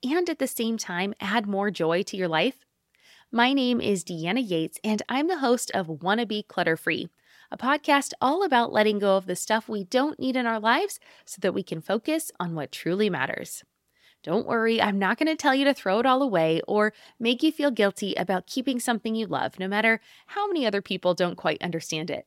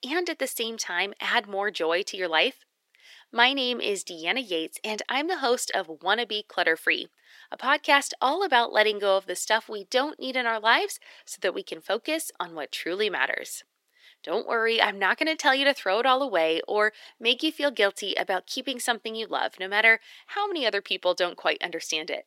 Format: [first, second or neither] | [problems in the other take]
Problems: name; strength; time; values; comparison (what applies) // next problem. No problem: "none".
first | thin; somewhat; fading below 350 Hz